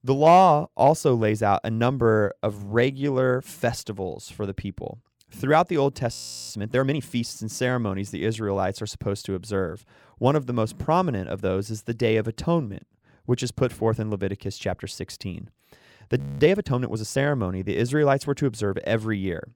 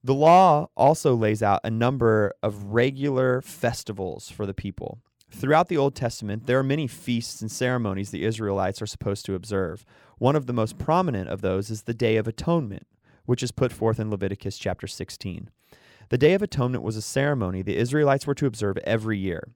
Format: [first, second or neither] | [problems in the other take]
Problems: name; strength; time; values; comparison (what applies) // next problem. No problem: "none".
second | audio freezing; at 6 s and at 16 s